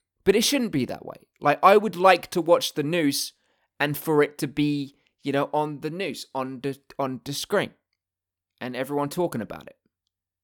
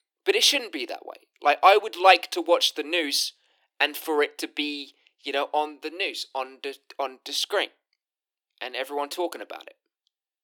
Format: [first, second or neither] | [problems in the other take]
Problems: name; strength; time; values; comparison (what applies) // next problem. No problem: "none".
first | thin; somewhat; fading below 300 Hz